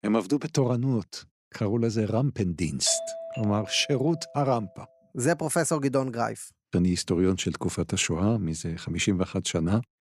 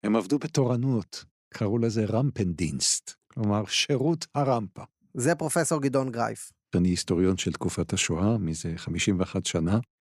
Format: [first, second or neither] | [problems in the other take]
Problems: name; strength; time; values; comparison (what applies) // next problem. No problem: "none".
second | doorbell; noticeable; from 3 to 4.5 s; peak 7 dB below the speech